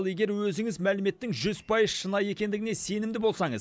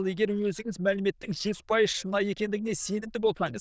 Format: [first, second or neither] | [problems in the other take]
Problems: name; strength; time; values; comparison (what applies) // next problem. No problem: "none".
first | noise reduction (neural diffusion model UNIVERSE++)